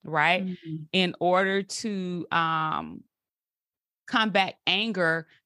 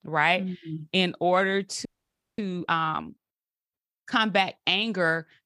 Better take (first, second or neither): first